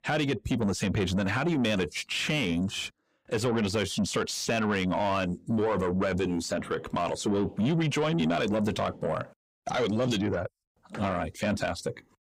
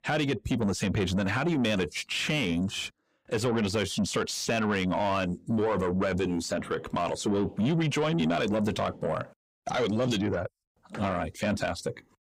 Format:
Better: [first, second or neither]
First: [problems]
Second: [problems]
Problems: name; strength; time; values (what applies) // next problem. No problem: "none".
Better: neither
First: distortion; slight; 10 dB below the speech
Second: distortion; slight; 10 dB below the speech